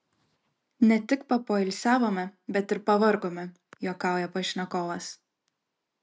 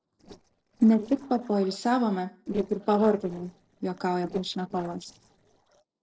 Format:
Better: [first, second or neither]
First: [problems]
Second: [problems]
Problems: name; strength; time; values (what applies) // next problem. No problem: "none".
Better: first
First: none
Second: noise reduction (neural separator model SepFormer DNS4)